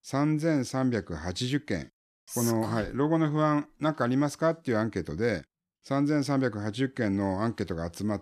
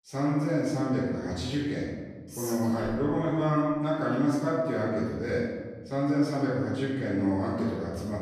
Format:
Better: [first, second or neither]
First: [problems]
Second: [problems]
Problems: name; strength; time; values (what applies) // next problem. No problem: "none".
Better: first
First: none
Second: room echo; noticeable; dies away in 1.2 s // off-mic speech; far